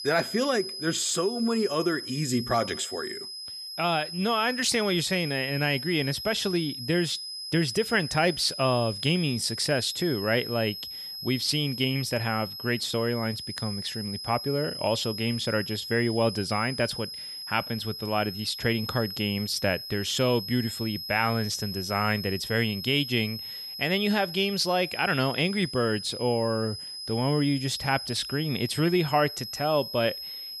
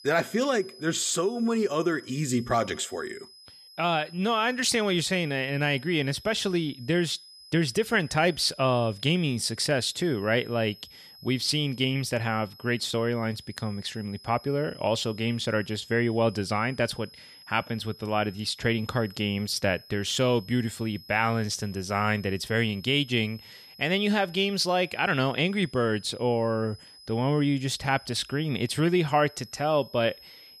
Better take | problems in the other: second | high-pitched whine; loud; throughout; 5 kHz, 8 dB below the speech; faint in the second

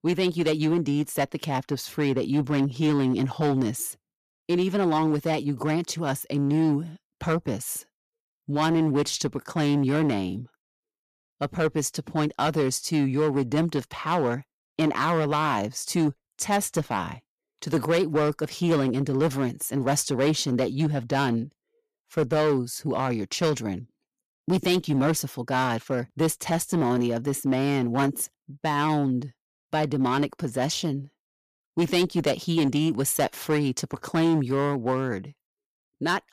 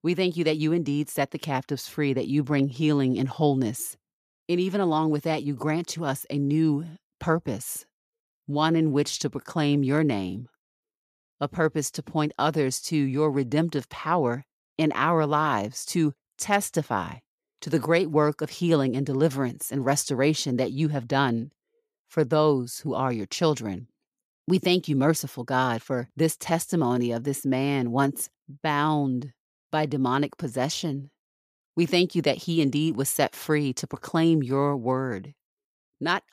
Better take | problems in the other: second | distortion; slight; 6% of the sound clipped

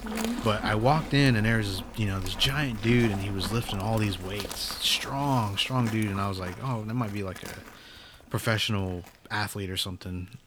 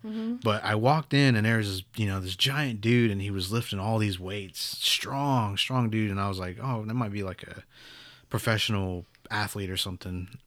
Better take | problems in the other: second | animal sounds; noticeable; throughout; 10 dB below the speech

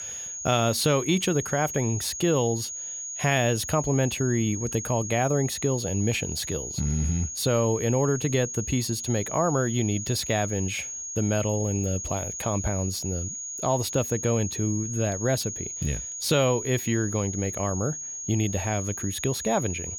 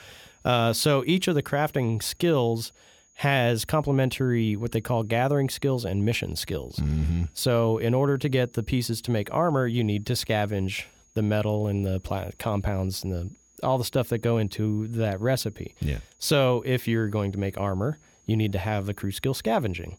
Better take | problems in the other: second | high-pitched whine; loud; throughout; 6.5 kHz, 6 dB below the speech; faint in the second

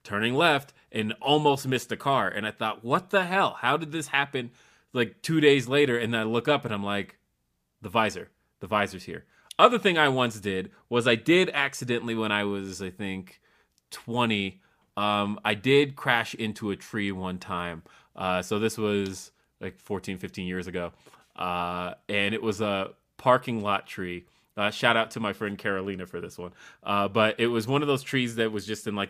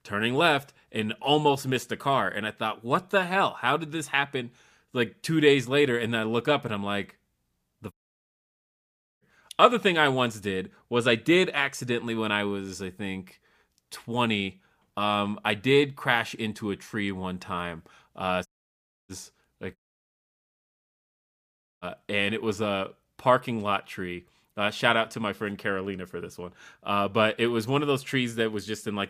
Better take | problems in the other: first | audio cutting out; at 8 s for 1.5 s, at 18 s for 0.5 s and at 20 s for 2 s

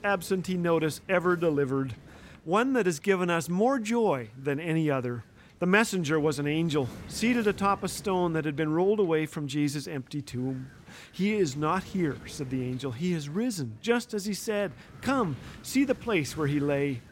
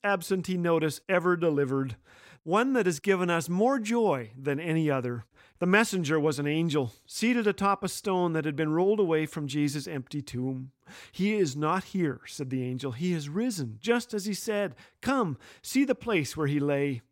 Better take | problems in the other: second | wind noise on the microphone; occasional gusts; 25 dB below the speech

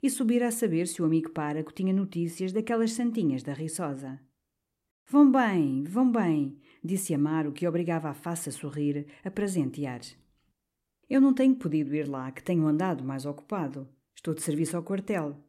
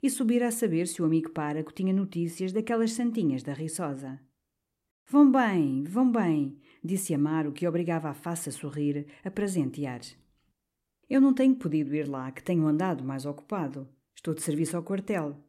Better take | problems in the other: neither | none

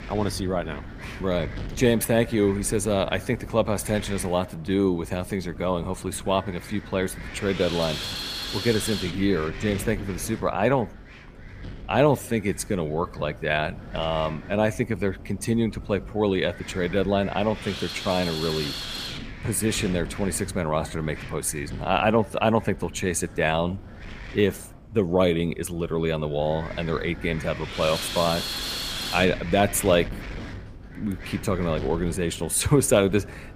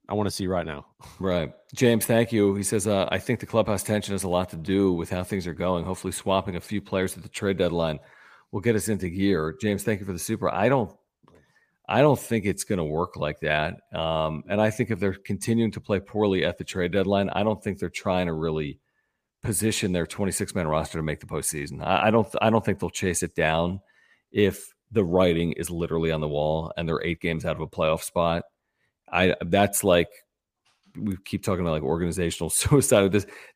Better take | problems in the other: second | wind noise on the microphone; heavy; 9 dB below the speech

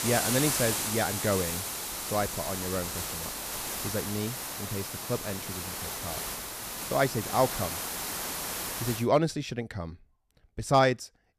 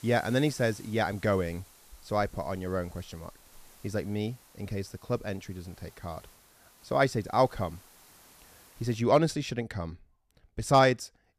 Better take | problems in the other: second | hiss; loud; until 9 s; 2 dB below the speech; faint in the second

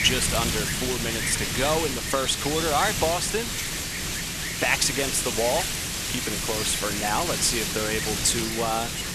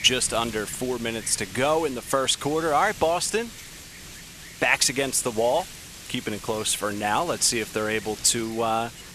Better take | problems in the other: second | wind noise on the microphone; heavy; 1 dB below the speech; occasional gusts in the second

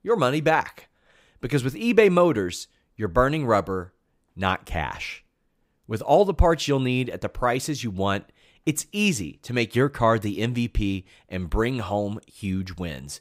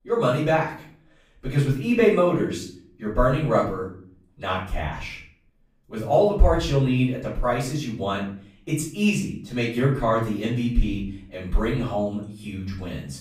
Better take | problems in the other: first | off-mic speech; far // room echo; noticeable; dies away in 0.5 s

